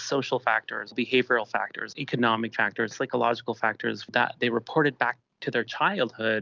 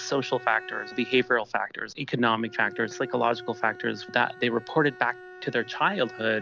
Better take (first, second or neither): first